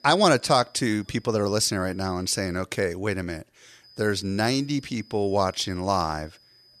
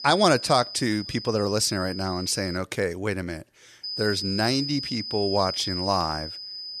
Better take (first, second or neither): first